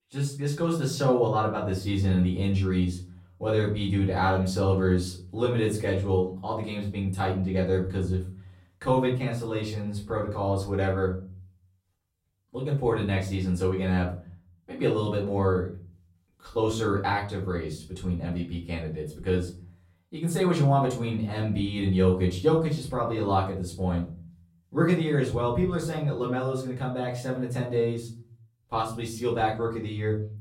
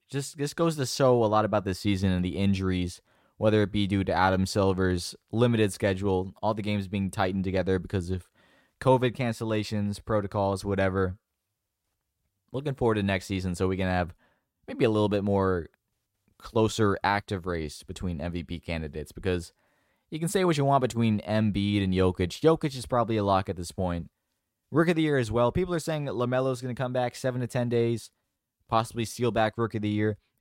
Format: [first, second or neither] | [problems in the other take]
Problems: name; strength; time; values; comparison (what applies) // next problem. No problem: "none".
second | room echo; slight; dies away in 0.4 s // off-mic speech; far